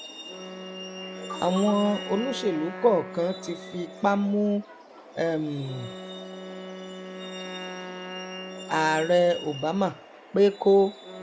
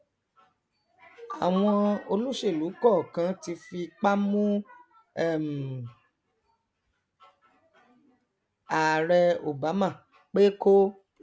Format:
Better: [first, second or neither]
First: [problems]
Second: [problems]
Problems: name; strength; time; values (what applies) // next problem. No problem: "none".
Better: second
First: background sound (Wind instrument, woodwind instrument + Truck); 12 dB below the speech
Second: none